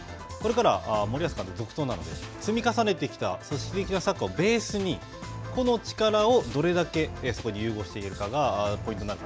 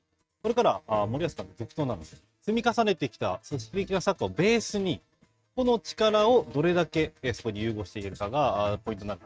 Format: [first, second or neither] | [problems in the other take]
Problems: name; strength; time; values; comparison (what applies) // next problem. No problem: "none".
first | noise reduction (neural mask model RNNoise)